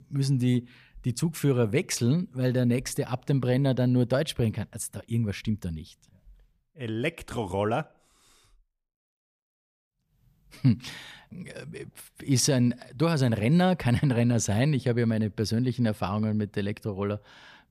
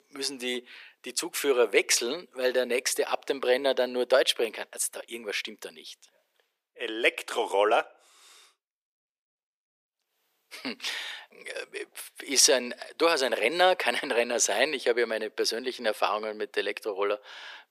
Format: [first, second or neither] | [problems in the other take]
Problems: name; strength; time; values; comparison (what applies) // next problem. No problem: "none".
first | thin; very; fading below 400 Hz